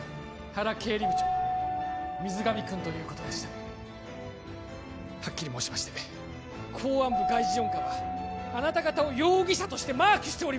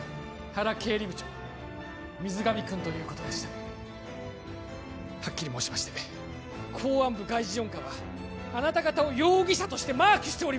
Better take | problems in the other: second | background sound (Keyboard (musical)); 5 dB below the speech

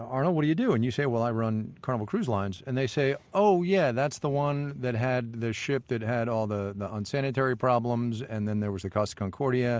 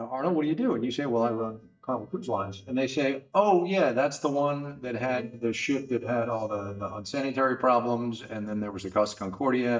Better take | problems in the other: first | noise reduction (neural mask model DeepFilterNet 3)

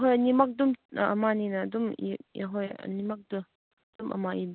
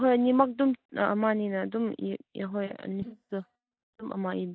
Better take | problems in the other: first | noise reduction (neural mask model DeepFilterNet 3)

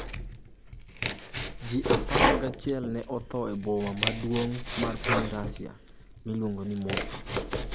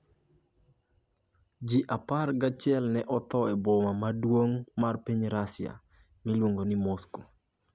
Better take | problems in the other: second | background sound (Domestic sounds, home sounds); 2 dB above the speech

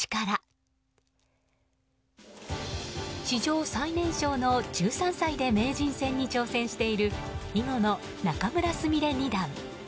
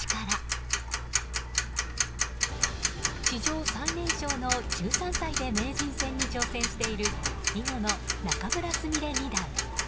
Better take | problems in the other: first | background sound (Tick-tock); 4 dB above the speech

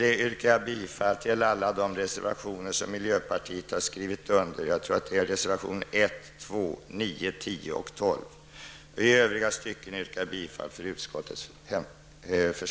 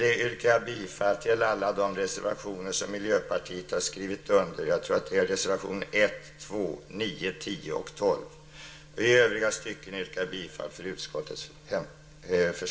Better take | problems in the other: first | room echo; dies away in 0.2 s

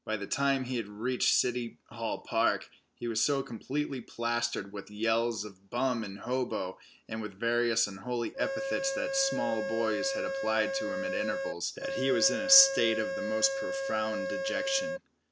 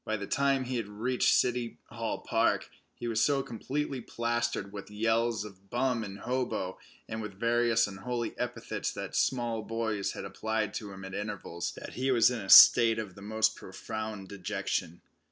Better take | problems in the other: second | background sound (Organ); 2 dB below the speech

